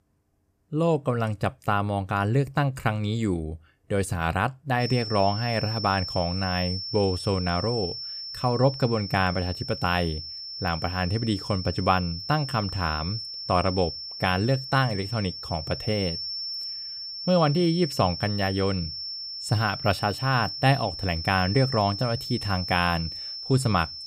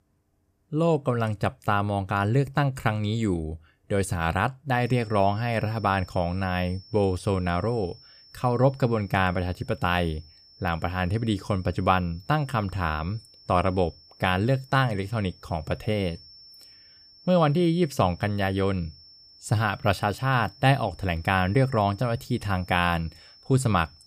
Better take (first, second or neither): second